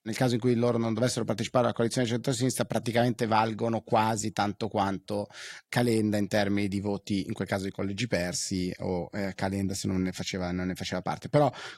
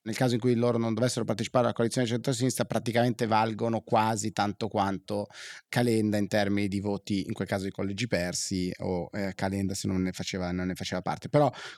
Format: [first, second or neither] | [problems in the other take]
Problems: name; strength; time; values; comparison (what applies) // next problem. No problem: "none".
second | garbled, watery; slightly